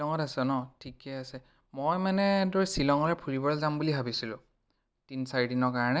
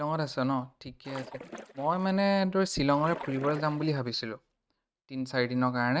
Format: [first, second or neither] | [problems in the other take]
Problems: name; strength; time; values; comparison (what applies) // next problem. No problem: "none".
first | noise reduction (neural mask model RNNoise)